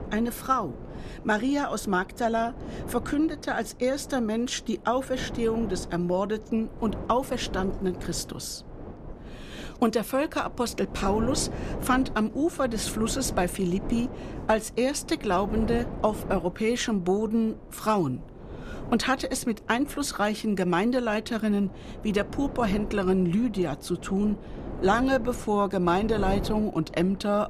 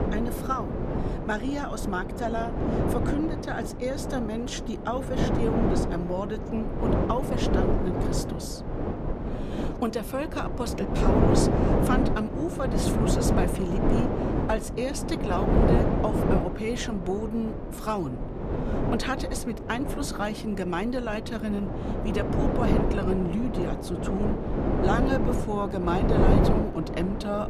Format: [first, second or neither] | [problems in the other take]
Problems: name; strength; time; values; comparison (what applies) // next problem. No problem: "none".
first | wind noise on the microphone; heavy; 1 dB above the speech; occasional gusts in the first